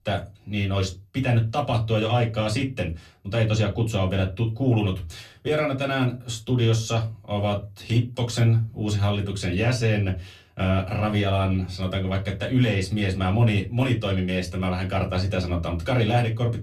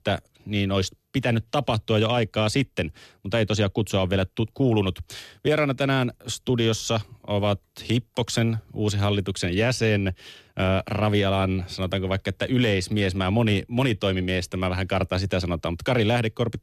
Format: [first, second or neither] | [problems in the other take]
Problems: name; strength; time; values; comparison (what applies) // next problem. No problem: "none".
second | off-mic speech; far // room echo; very slight; dies away in 0.2 s